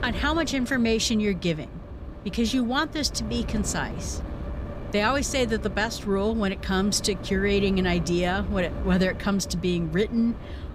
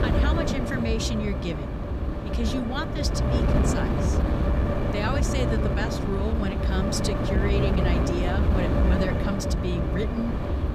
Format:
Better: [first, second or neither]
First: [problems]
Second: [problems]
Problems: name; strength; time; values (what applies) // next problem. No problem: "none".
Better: first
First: wind noise on the microphone; occasional gusts; 15 dB below the speech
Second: wind noise on the microphone; heavy; 2 dB above the speech